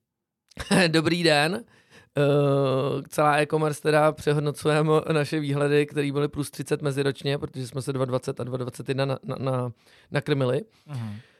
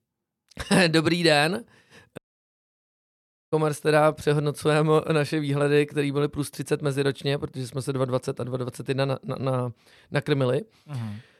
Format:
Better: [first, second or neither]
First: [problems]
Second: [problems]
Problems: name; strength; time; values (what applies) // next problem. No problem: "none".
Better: first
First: none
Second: audio cutting out; at 2 s for 1.5 s